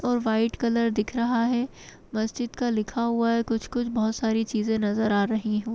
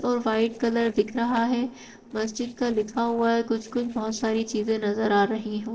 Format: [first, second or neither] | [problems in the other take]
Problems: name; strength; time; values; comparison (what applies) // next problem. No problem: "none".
first | noise reduction (neural separator model SepFormer DNS4)